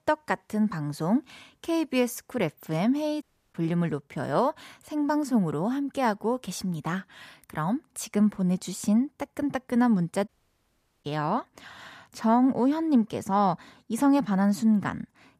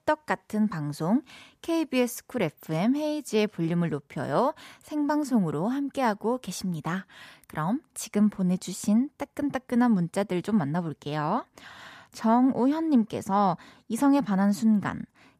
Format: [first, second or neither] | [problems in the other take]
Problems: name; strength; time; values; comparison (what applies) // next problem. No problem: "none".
second | audio cutting out; at 3 s and at 10 s for 1 s